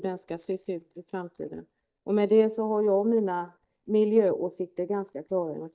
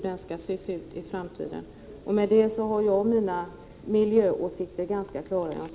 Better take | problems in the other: second | noise reduction (neural mask model DeepFilterNet 3)

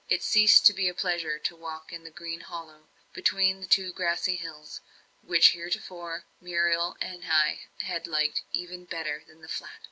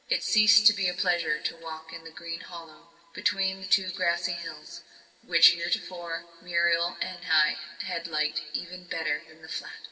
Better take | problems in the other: first | room echo; dies away in 2.7 s

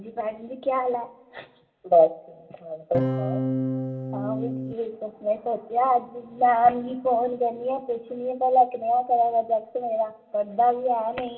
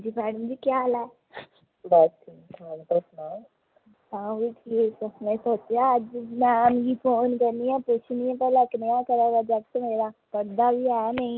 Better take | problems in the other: second | background sound (Electric guitar / Strum); 2 dB below the speech // room echo; dies away in 1.3 s

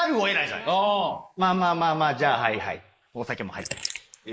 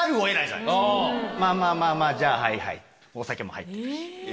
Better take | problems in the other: second | noise reduction (neural mask model Resemble Enhance denoiser)

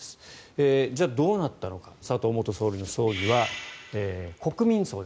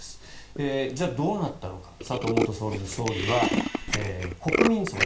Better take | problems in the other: first | background sound (Tools); 2 dB below the speech // room echo; dies away in 0.4 s

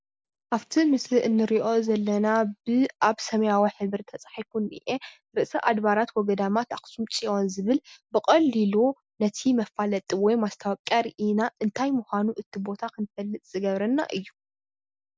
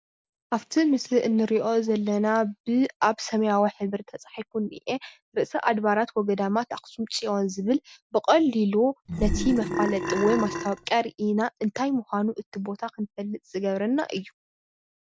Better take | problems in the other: first | background sound (Burping, eructation); 3 dB below the speech

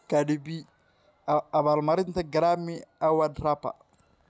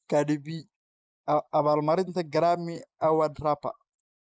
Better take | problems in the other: first | noise reduction (neural mask model Resemble Enhance denoiser)

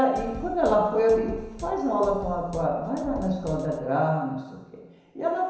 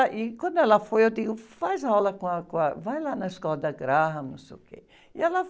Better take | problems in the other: second | background sound (Drum kit); 14 dB below the speech // room echo; dies away in 1 s

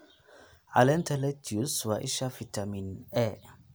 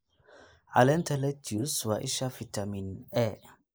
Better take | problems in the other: first | noise reduction (neural mask model Resemble Enhance denoiser)

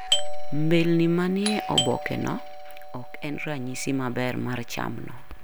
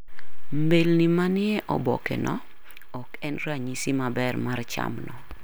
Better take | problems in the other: second | background sound (Doorbell); 9 dB below the speech

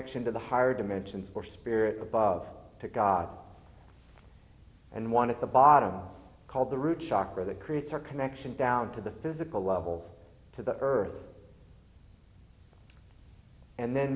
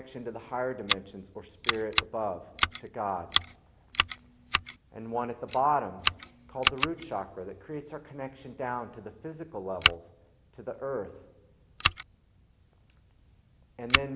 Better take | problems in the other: first | background sound (Scissors); 2 dB above the speech

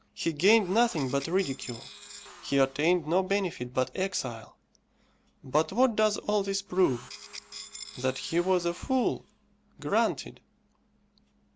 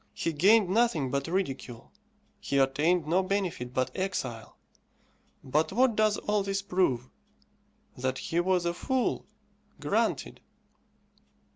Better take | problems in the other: second | background sound (Tools); 17 dB below the speech

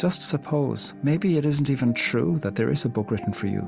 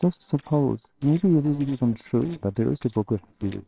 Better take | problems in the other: first | noise reduction (neural separator model SepFormer WHAMR!)

